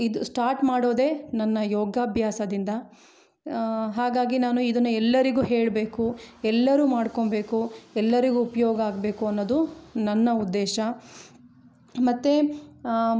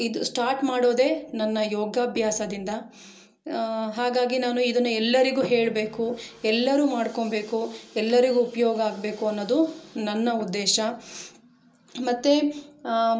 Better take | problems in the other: first | room echo; dies away in 0.2 s

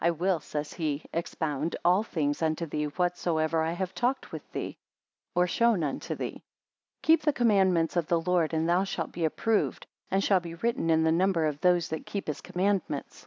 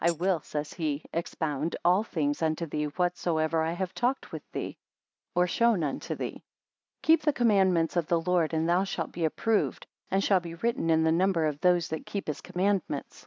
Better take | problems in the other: first | noise reduction (neural mask model RNNoise)

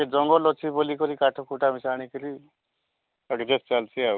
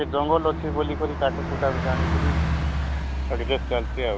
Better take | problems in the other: first | background sound (Bus); 1 dB above the speech

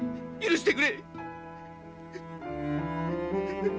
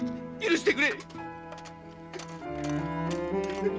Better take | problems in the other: first | background sound (Coin (dropping)); 19 dB below the speech

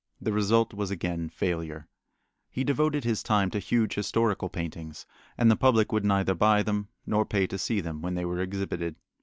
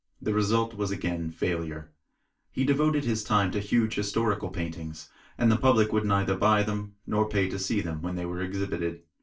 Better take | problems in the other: first | room echo; dies away in 0.2 s

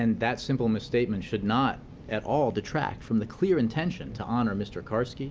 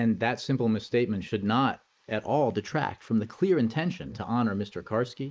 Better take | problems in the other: first | noise reduction (neural mask model Resemble Enhance denoiser)

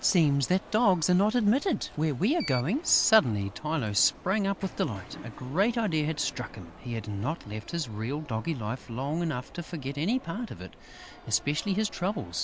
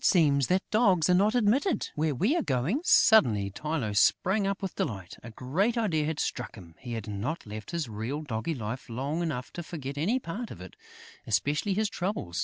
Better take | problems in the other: second | background sound (Alarm); 18 dB below the speech

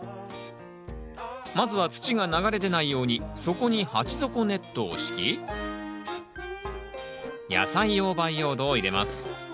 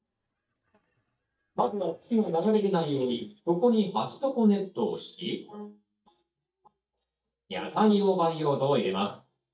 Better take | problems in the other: first | noise reduction (neural mask model DeepFilterNet 3)

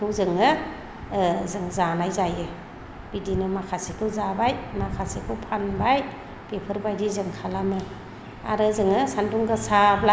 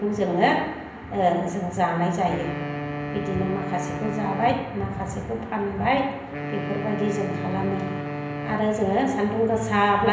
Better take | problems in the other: first | background sound (Wind instrument, woodwind instrument); 8 dB below the speech // room echo; dies away in 0.8 s

